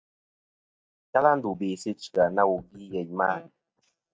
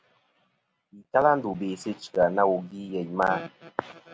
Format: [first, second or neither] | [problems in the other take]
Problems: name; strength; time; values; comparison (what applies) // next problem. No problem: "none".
second | noise reduction (neural mask model DeepFilterNet 3)